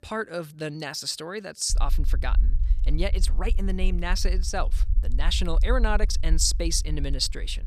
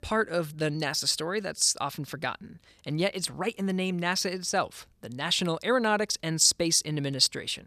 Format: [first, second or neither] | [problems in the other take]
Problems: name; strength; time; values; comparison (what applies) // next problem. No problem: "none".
second | low rumble; faint; from 1.5 s on; 20 dB below the speech